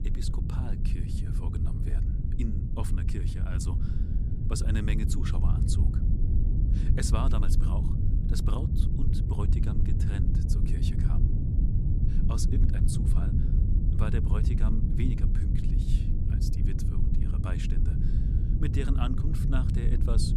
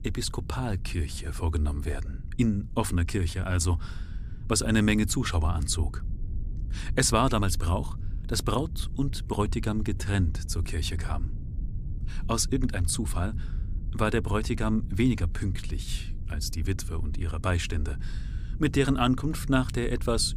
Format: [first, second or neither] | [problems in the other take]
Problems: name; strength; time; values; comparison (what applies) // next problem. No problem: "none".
second | low rumble; loud; throughout; as loud as the speech; faint in the second